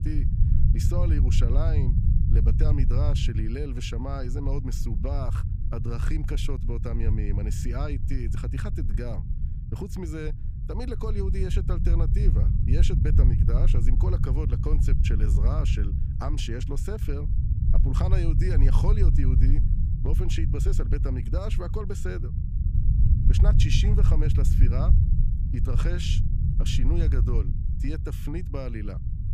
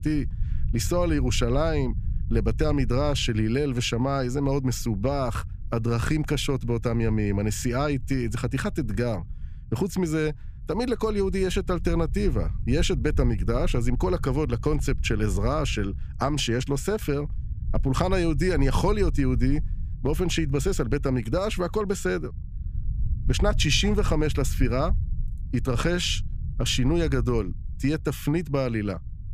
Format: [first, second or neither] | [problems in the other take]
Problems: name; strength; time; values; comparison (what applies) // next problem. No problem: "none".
second | low rumble; loud; throughout; 4 dB below the speech; faint in the second